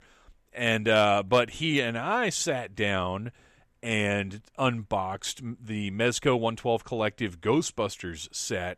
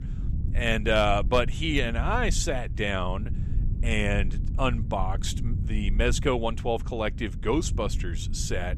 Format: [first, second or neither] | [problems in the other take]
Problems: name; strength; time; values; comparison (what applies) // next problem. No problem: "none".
first | low rumble; noticeable; throughout; 20 dB below the speech